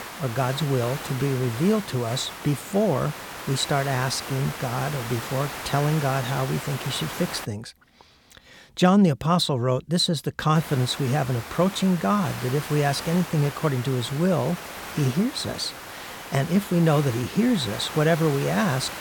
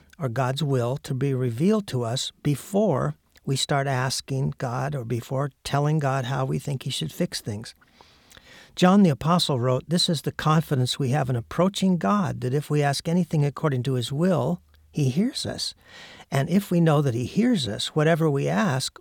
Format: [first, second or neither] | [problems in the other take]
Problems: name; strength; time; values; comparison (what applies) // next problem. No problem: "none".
second | hiss; noticeable; until 7.5 s and from 11 s on; 10 dB below the speech